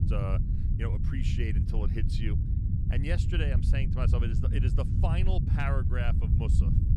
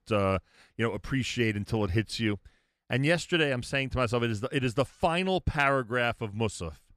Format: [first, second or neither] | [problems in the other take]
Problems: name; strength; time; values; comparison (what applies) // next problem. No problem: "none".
second | low rumble; loud; throughout; 4 dB below the speech